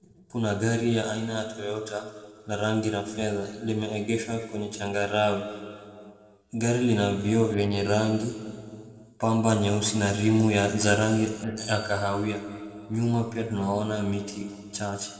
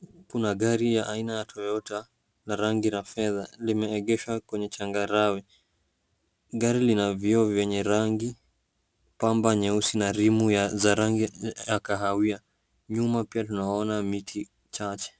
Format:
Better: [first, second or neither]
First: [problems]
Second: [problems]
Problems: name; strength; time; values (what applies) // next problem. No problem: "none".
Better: second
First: noise reduction (neural separator model SepFormer DNS4)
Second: none